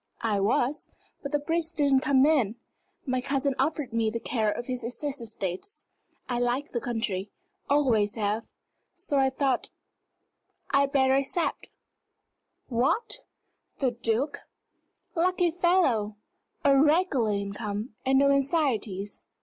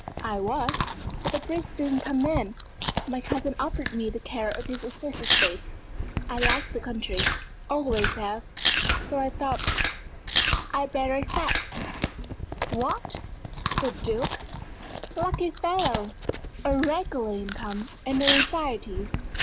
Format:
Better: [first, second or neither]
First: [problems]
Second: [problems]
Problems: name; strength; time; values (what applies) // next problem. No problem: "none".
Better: first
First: none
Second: background sound (Chewing, mastication); as loud as the speech